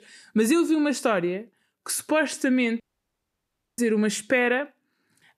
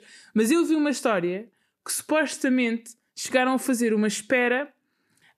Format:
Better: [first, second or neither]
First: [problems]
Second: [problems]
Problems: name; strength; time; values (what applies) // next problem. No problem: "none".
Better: second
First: audio cutting out; at 3 s for 1 s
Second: none